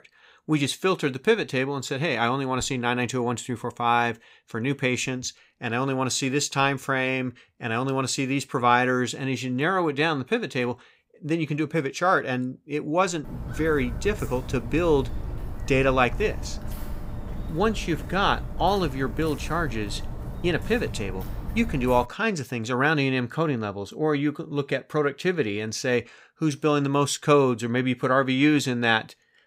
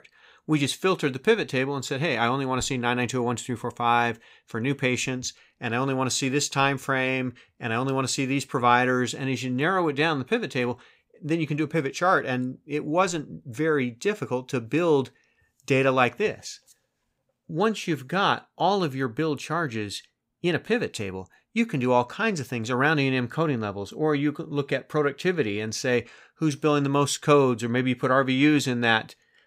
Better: second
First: footsteps; noticeable; from 13 to 22 s; peak 10 dB below the speech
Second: none

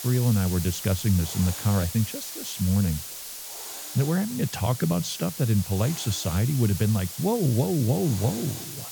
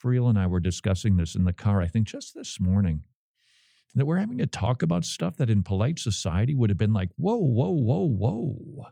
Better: second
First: hiss; loud; throughout; 9 dB below the speech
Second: none

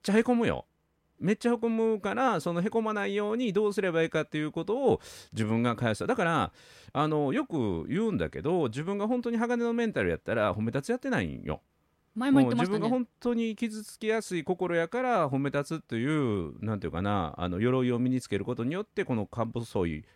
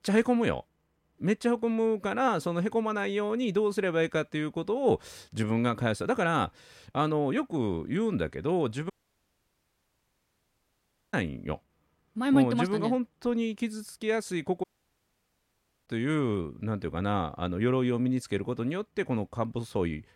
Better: first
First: none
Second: audio cutting out; at 9 s for 2 s and at 15 s for 1 s

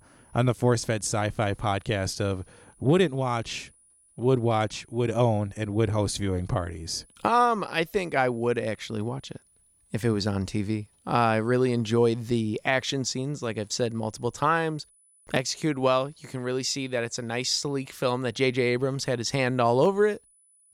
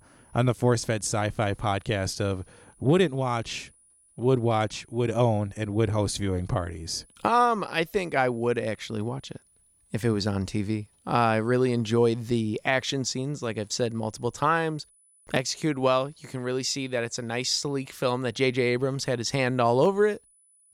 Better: neither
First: high-pitched whine; faint; throughout; 10 kHz, 30 dB below the speech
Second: high-pitched whine; faint; throughout; 10 kHz, 30 dB below the speech

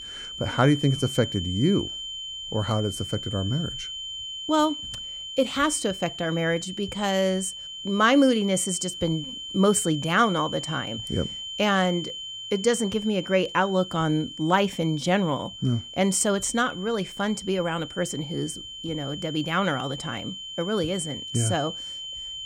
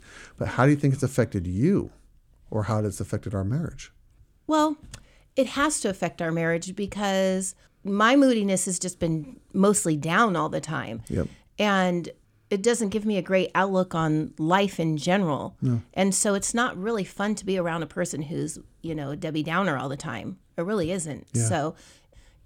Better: second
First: high-pitched whine; loud; throughout; 3 kHz, 9 dB below the speech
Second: none

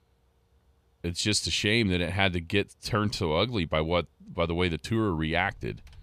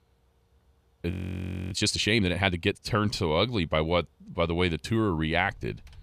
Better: first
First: none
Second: audio freezing; at 1 s for 0.5 s

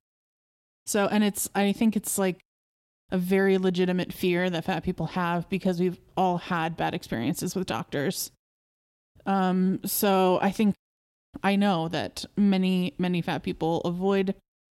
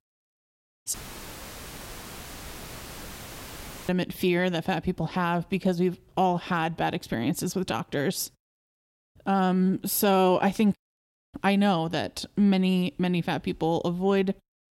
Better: first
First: none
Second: audio cutting out; filled with static; at 1 s for 3 s

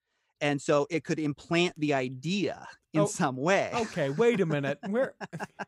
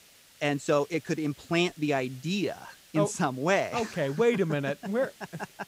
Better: first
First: none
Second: hiss; faint; throughout; 25 dB below the speech

